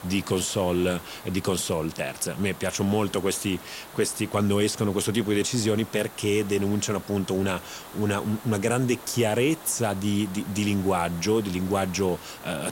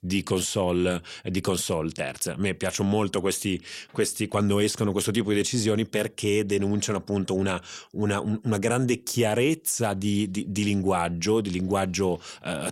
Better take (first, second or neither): second